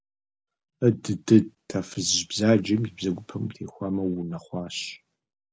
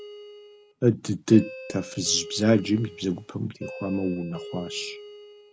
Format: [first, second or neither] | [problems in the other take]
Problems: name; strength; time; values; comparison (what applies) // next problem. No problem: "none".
first | background sound (Doorbell); 15 dB below the speech